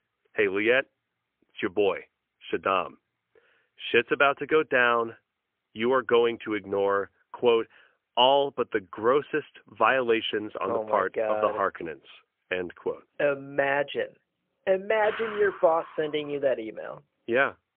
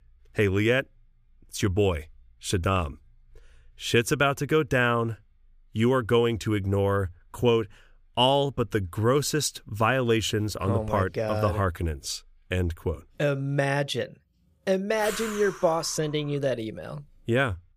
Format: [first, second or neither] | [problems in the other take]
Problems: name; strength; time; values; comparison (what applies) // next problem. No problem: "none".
second | phone-call audio; poor line; nothing above 3 kHz